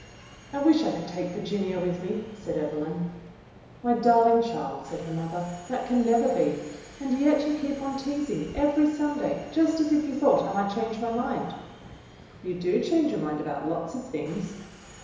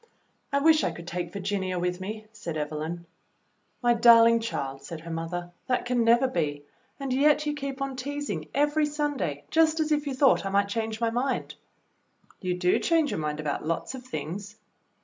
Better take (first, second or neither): second